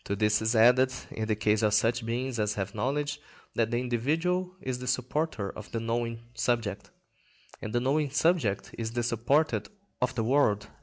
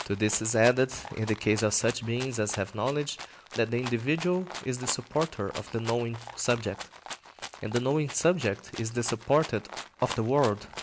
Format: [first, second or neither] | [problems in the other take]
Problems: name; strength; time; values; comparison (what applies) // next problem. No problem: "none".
first | background sound (Rattle (instrument)); 14 dB below the speech